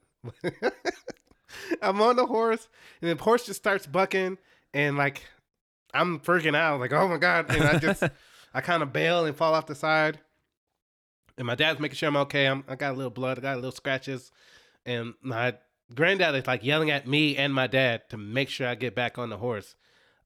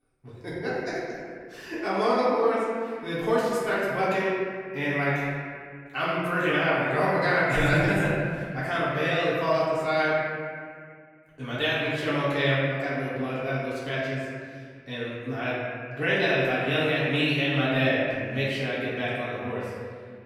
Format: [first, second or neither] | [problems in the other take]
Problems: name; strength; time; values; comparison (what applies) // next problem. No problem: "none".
first | room echo; strong; dies away in 2 s // off-mic speech; far